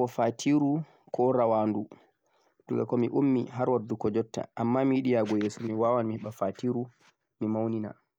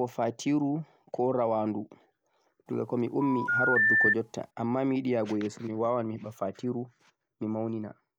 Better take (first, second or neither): first